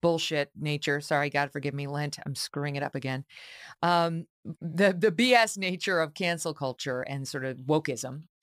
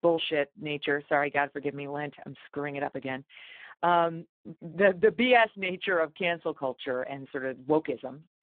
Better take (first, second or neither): first